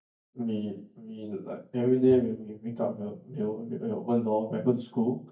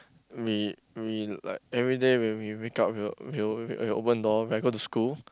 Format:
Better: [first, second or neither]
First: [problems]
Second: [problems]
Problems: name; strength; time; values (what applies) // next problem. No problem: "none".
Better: second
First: noise reduction (neural mask model DeepFilterNet 3)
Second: none